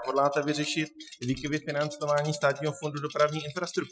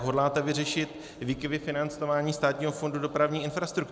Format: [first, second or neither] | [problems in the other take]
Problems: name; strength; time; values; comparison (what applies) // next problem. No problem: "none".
second | noise reduction (classical method Wiener filter)